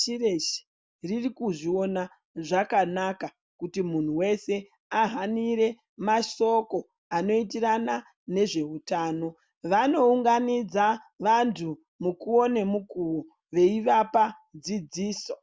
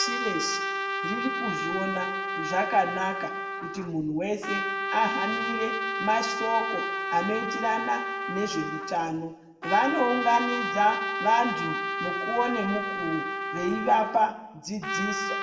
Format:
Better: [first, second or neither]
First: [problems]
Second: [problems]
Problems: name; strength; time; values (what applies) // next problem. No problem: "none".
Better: first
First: none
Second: background sound (Trumpet); 2 dB below the speech // room echo; dies away in 0.8 s